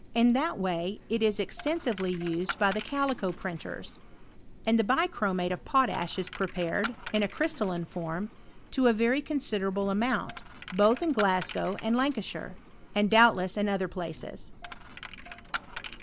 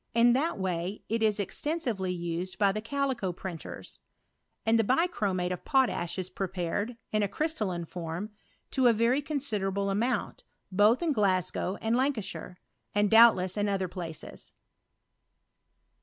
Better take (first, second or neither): second